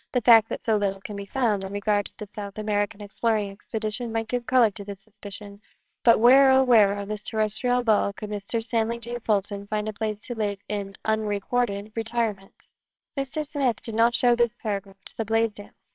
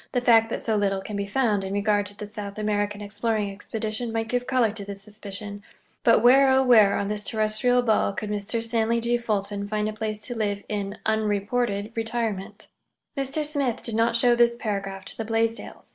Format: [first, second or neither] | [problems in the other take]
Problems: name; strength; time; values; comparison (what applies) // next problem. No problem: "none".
second | noise reduction (neural separator model SepFormer WHAMR!)